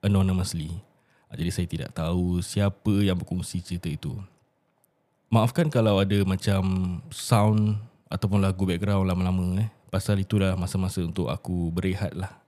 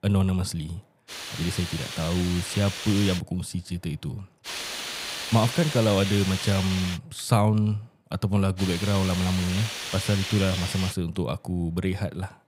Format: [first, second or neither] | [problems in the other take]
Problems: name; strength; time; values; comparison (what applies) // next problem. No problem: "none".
first | hiss; loud; from 1 to 3 s, from 4.5 to 7 s and from 8.5 to 11 s; 6 dB below the speech